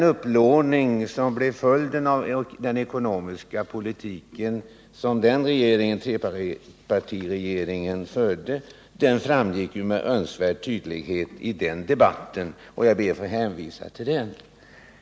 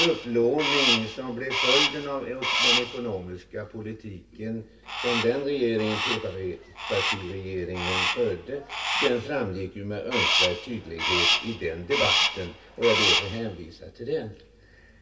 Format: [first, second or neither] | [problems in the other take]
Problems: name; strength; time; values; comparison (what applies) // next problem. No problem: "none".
first | background sound (Crow); 1 dB above the speech // room echo; dies away in 0.2 s